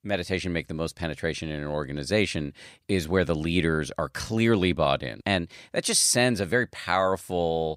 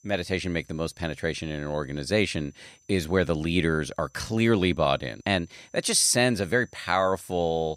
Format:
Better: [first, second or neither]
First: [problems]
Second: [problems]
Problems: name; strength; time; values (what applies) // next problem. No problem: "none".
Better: first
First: none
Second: high-pitched whine; faint; throughout; 6 kHz, 35 dB below the speech